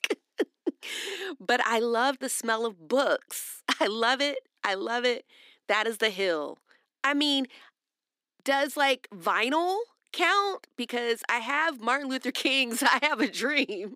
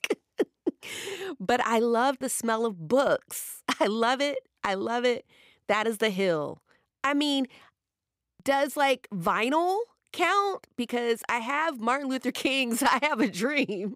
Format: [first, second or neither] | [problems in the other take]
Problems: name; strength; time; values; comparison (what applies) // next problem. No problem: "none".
second | thin; very slightly; fading below 250 Hz